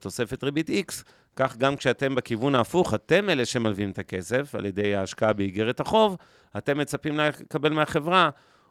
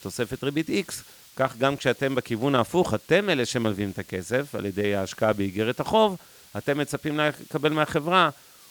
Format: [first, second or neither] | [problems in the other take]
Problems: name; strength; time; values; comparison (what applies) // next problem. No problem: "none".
first | hiss; faint; throughout; 25 dB below the speech